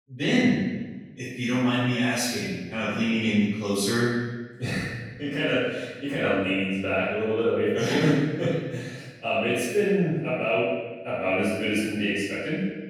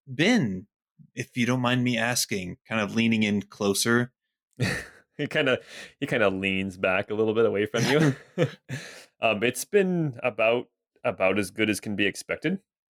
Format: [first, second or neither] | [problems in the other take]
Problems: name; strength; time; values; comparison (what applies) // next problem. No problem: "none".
second | off-mic speech; far // room echo; strong; dies away in 1.1 s